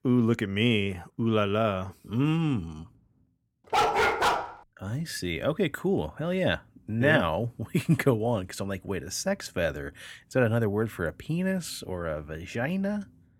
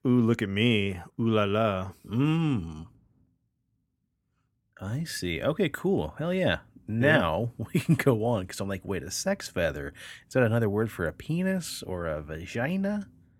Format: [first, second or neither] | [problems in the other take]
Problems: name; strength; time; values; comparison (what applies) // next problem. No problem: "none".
second | dog barking; loud; at 3.5 s; peak 5 dB above the speech